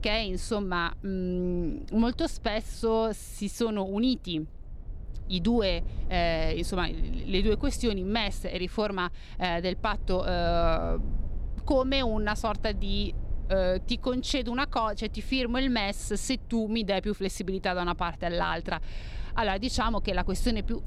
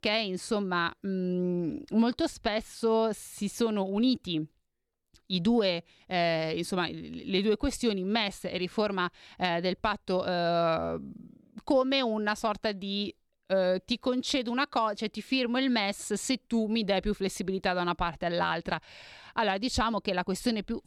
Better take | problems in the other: second | low rumble; faint; throughout; 25 dB below the speech

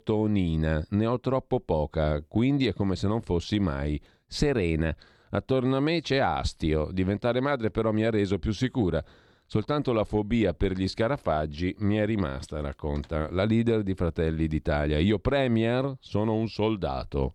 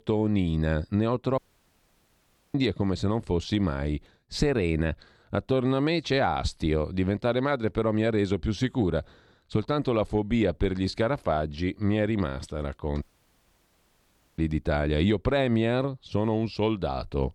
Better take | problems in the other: first | audio cutting out; at 1.5 s for 1 s and at 13 s for 1.5 s

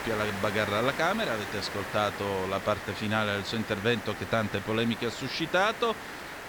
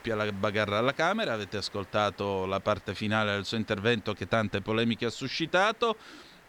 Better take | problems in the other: second | hiss; loud; throughout; 8 dB below the speech; faint in the second

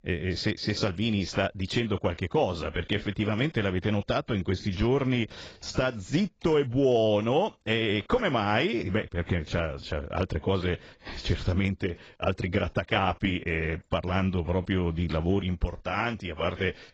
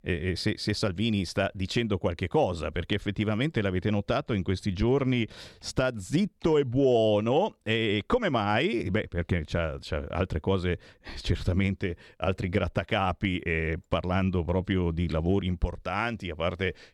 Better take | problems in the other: second | garbled, watery; badly; nothing above 7.5 kHz

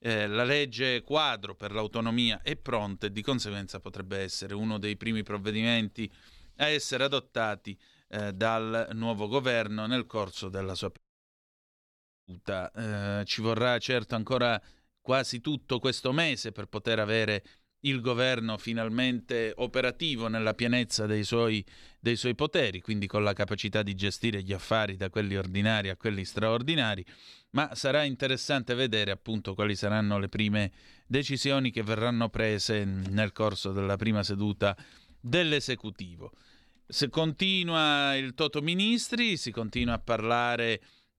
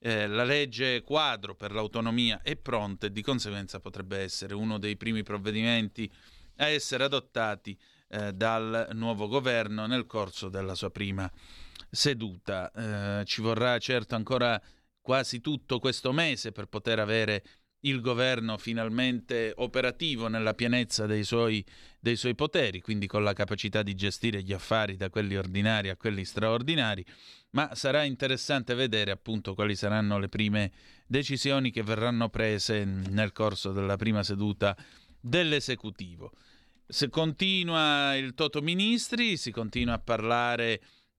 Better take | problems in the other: second | audio cutting out; at 11 s for 1.5 s

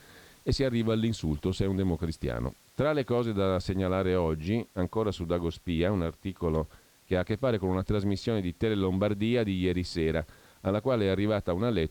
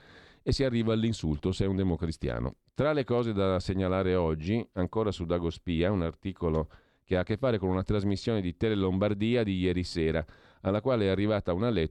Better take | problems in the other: second | hiss; faint; throughout; 30 dB below the speech

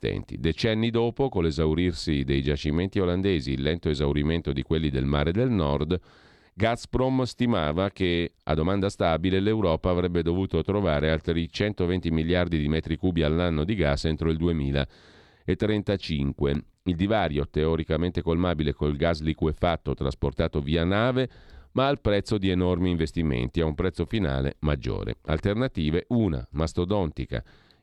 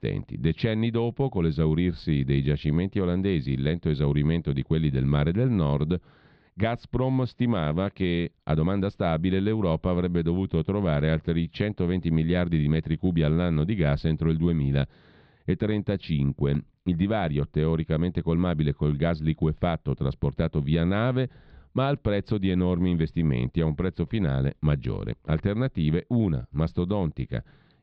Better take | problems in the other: first | muffled; very slightly; fading above 4 kHz

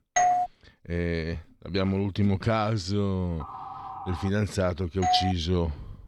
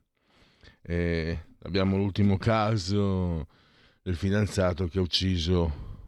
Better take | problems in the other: second | doorbell; loud; at the start and at 5 s; peak 5 dB above the speech // siren; faint; at 3.5 s; peak 10 dB below the speech

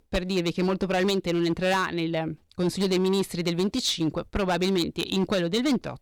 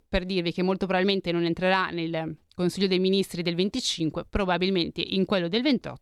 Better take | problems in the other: second | distortion; slight; 10% of the sound clipped

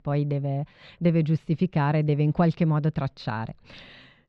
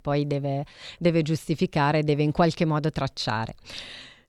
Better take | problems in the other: second | muffled; slightly; fading above 3 kHz

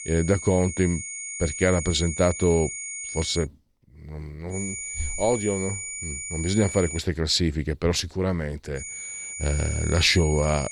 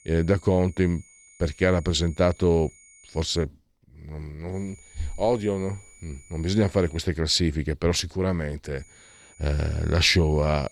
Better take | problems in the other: second | high-pitched whine; loud; until 3.5 s, from 4.5 to 7 s and from 9 s on; 7 kHz, 7 dB below the speech; faint in the second

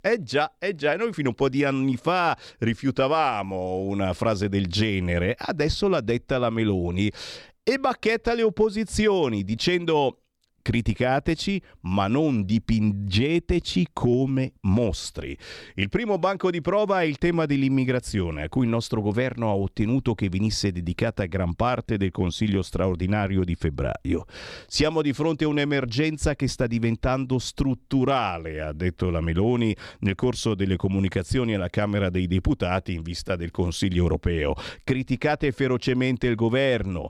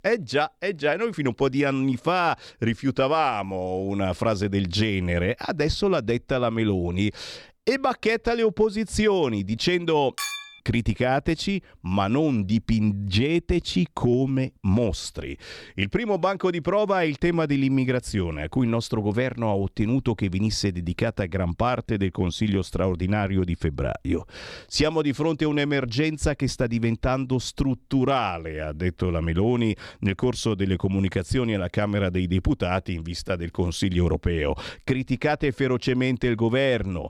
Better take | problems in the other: first | clattering dishes; noticeable; at 10 s; peak 5 dB below the speech

